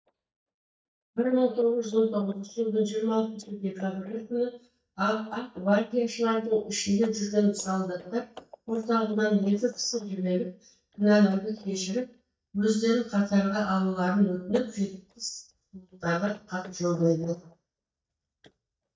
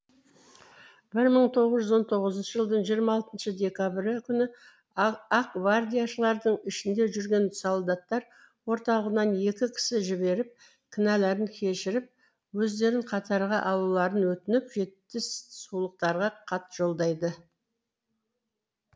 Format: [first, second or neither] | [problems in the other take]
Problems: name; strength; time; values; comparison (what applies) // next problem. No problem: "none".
second | noise reduction (neural mask model DeepFilterNet 3)